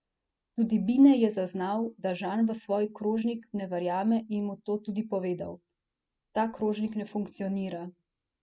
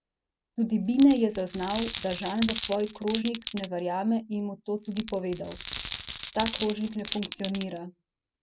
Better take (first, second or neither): first